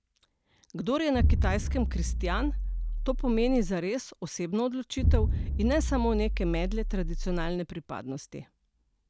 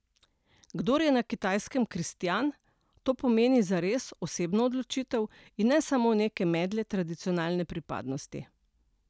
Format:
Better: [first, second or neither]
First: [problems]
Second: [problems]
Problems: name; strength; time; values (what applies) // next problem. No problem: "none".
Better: second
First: background sound (Explosion); 3 dB above the speech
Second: none